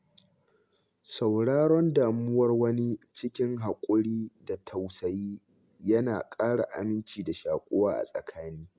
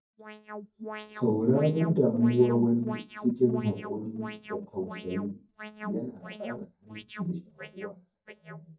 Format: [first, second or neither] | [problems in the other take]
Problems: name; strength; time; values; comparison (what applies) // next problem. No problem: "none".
first | noise reduction (neural mask model DeepFilterNet 3)